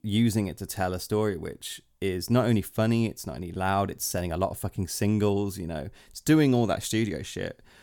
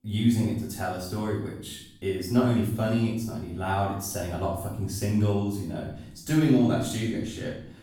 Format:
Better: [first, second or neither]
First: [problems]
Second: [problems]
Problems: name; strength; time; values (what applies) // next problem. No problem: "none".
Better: first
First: none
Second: off-mic speech; far // room echo; noticeable; dies away in 0.6 s